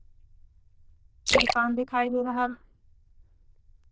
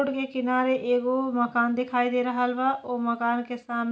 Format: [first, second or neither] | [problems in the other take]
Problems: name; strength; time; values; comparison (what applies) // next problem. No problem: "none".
second | noise reduction (neural diffusion model UNIVERSE++)